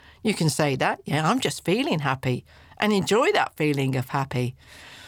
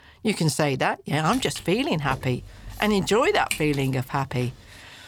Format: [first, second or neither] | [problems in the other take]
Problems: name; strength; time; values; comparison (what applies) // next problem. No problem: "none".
first | footsteps; noticeable; from 1.5 to 4 s; peak 6 dB below the speech